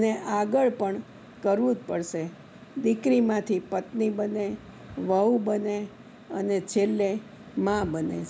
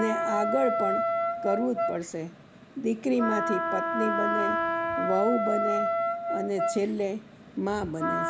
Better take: first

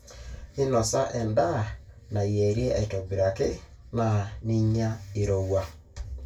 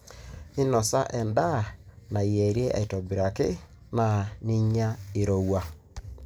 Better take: second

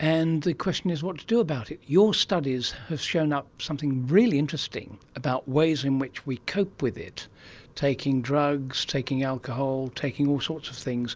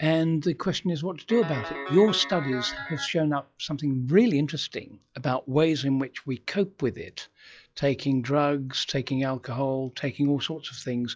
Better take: first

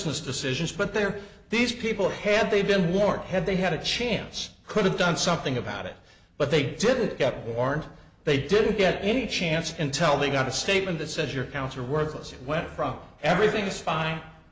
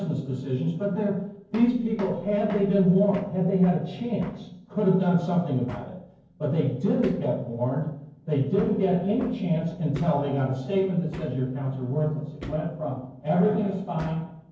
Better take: first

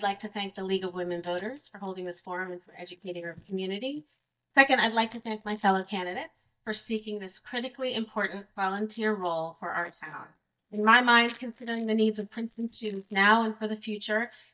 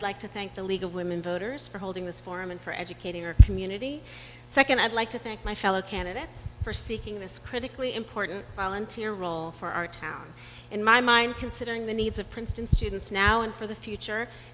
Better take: second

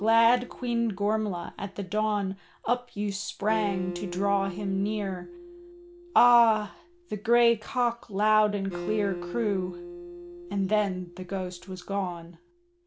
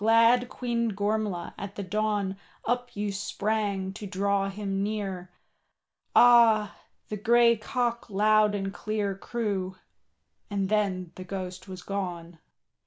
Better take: second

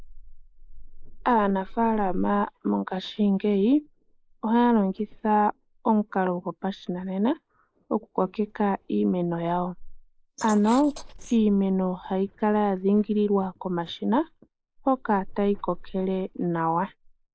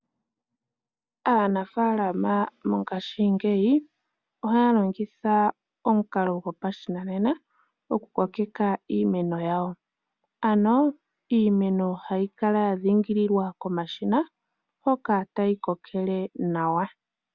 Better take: second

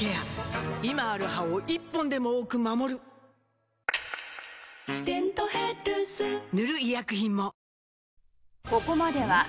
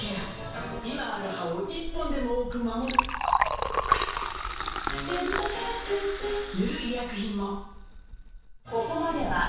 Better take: first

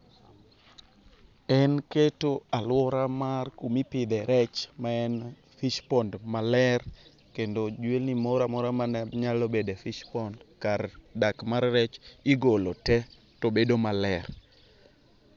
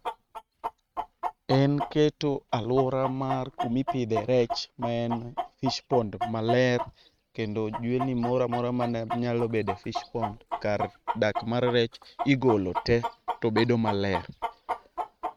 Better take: first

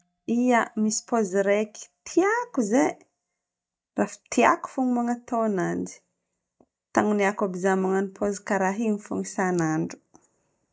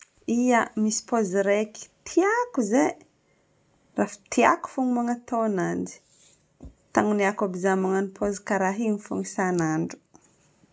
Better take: second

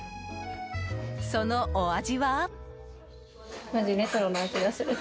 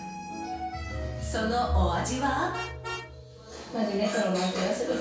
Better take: first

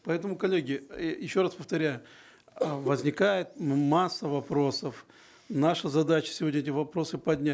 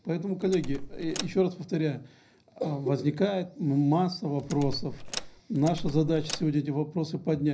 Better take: first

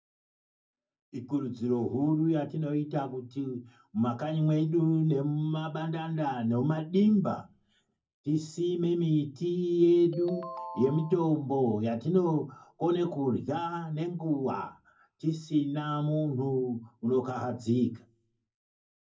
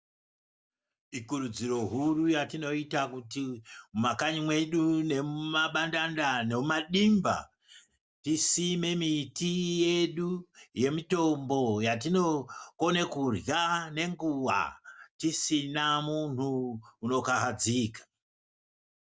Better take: second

